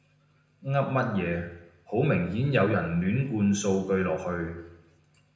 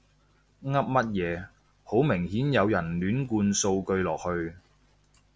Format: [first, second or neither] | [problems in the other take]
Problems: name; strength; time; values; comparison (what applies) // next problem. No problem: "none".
second | room echo; dies away in 0.8 s